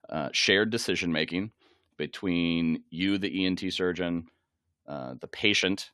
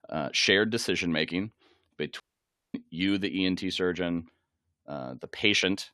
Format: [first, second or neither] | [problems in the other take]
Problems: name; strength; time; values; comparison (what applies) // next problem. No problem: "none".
first | audio cutting out; at 2 s for 0.5 s